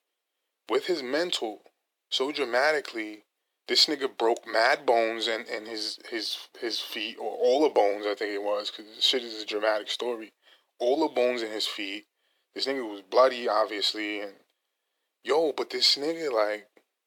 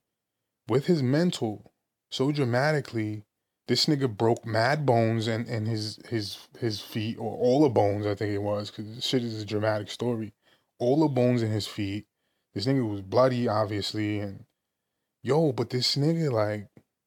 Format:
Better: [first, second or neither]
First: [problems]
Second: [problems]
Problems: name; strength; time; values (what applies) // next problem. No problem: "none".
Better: second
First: thin; very; fading below 350 Hz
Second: none